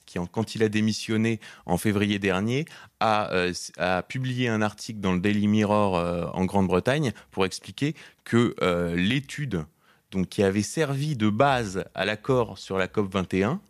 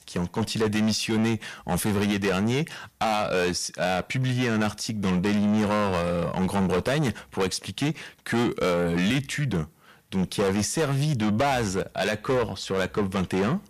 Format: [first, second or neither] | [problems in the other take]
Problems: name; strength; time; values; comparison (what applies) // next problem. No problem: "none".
first | distortion; heavy; 6 dB below the speech